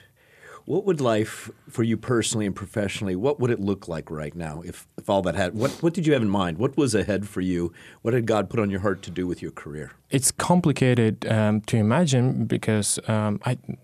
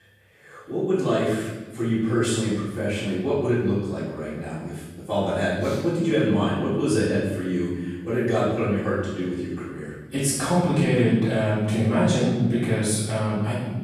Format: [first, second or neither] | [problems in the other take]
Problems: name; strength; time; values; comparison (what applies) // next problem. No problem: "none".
first | off-mic speech; far // room echo; strong; dies away in 1 s